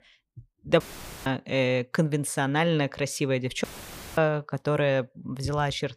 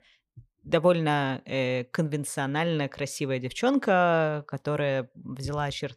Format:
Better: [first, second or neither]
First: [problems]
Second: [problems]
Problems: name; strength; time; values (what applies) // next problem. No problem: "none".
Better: second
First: audio cutting out; filled with static; at 1 s and at 3.5 s for 0.5 s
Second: none